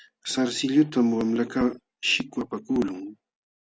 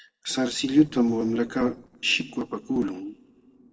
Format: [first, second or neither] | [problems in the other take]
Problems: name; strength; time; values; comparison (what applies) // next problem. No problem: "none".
first | noise reduction (neural separator model SepFormer DNS4)